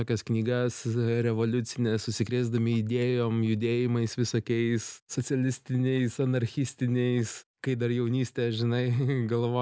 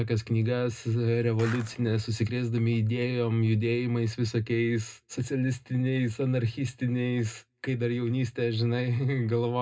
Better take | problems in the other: first | background sound (Skateboard); 14 dB below the speech // room echo; dies away in 0.2 s

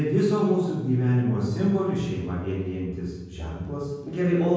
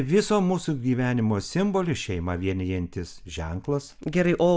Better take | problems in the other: second | room echo; dies away in 1.3 s

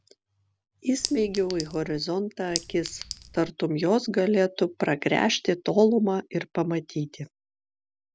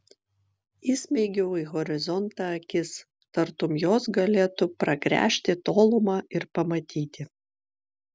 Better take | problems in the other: second | background sound (Chink, clink); 10 dB below the speech

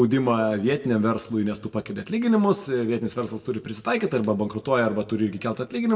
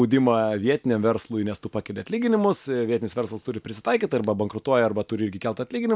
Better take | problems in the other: second | room echo; dies away in 1.1 s

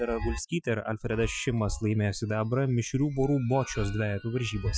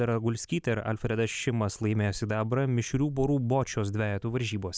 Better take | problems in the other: second | noise reduction (classical method Wiener filter)

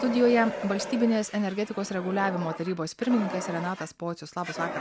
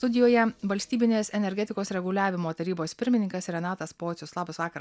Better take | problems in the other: second | background sound (Fire); 10 dB below the speech

